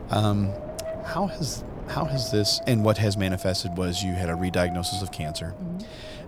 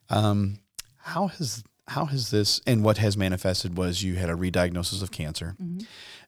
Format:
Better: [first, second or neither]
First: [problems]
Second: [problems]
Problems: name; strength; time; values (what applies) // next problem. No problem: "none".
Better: second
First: wind noise on the microphone; heavy; 8 dB below the speech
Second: none